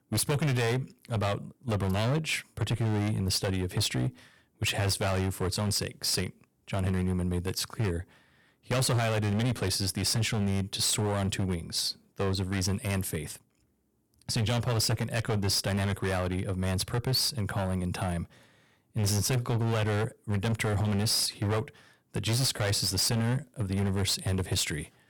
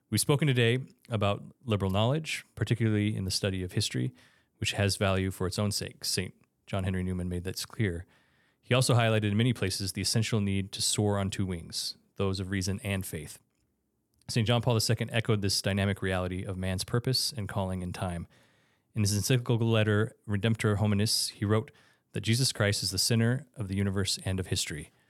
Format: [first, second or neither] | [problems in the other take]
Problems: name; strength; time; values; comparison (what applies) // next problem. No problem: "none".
second | distortion; heavy; 16% of the sound clipped